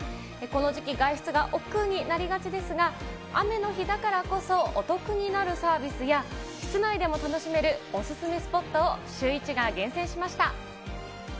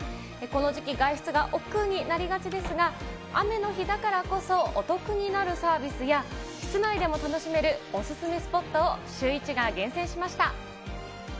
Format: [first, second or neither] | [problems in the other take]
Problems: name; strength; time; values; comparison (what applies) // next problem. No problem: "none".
first | background sound (Slam / Wood); 20 dB below the speech